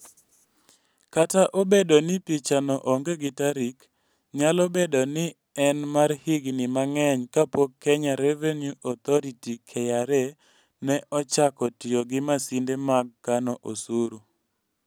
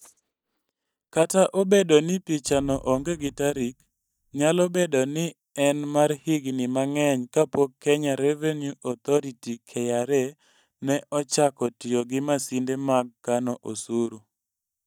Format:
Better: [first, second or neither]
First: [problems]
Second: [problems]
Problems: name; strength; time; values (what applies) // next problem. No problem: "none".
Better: first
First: none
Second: noise reduction (neural mask model DeepFilterNet 3)